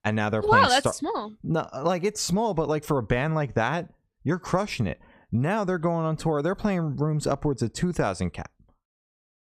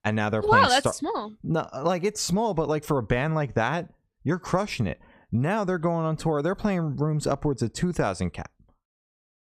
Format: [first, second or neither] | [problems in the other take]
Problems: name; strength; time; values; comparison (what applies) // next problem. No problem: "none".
neither | none